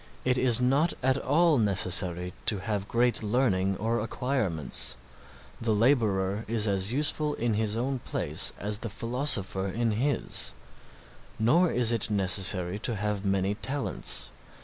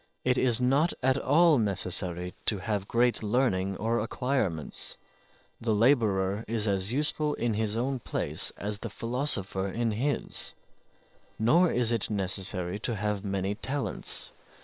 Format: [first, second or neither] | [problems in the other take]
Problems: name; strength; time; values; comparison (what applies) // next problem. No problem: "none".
first | noise reduction (neural separator model SepFormer WHAM!)